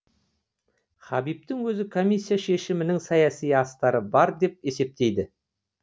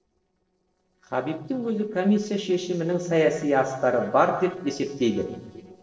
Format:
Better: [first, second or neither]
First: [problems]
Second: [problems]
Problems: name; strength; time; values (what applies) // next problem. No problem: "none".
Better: first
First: none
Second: noise reduction (neural separator model SepFormer DNS4)